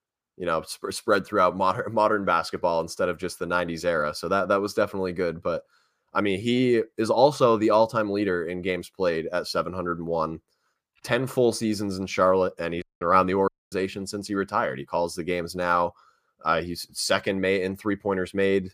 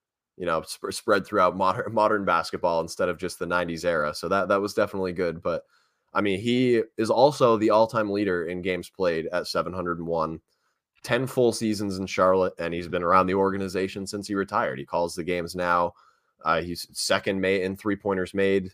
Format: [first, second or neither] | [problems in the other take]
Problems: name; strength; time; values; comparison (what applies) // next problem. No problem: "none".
second | audio cutting out; at 13 s